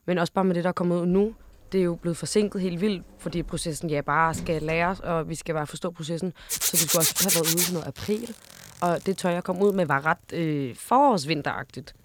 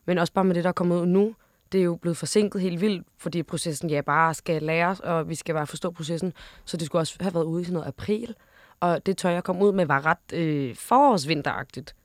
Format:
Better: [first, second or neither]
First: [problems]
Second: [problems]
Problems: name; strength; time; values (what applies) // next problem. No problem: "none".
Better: second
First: household noises; very loud; throughout; 3 dB above the speech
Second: none